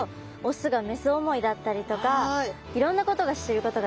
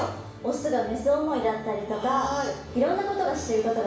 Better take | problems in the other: first | room echo; dies away in 0.7 s

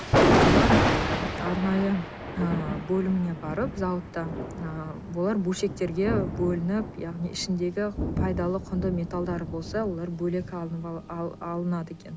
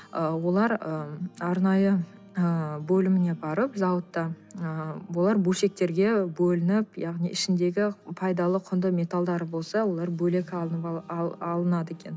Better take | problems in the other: second | background sound (Thunder); as loud as the speech

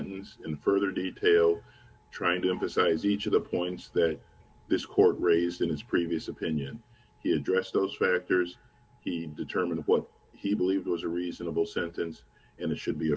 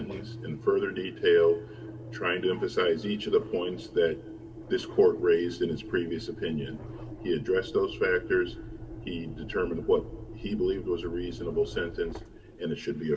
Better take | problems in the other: first | background sound (Engine); 13 dB below the speech // room echo; dies away in 1.9 s

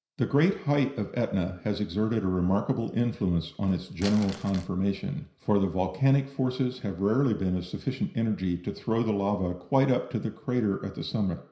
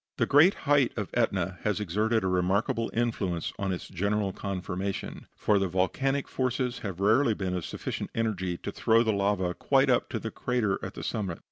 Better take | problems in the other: second | background sound (Crumpling, crinkling); 17 dB below the speech // room echo; dies away in 0.5 s

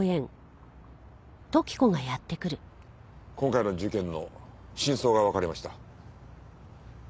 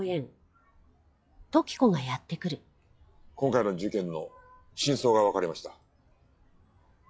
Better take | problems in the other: first | noise reduction (classical method log-MMSE)

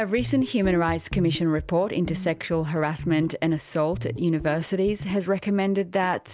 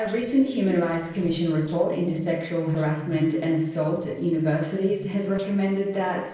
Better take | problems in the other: first | noise reduction (neural separator model SepFormer DNS4)

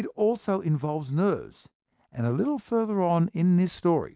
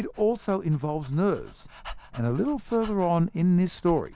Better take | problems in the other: first | background sound (Dog); 18 dB below the speech

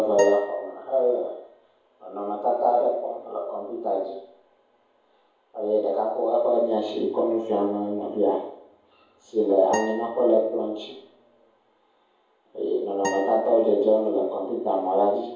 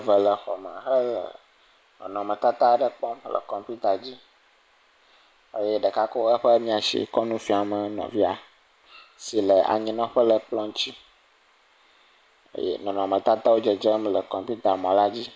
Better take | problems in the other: second | background sound (Acoustic guitar); 14 dB below the speech // room echo; dies away in 0.7 s

